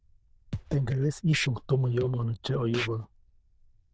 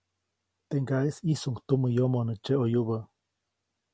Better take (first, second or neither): second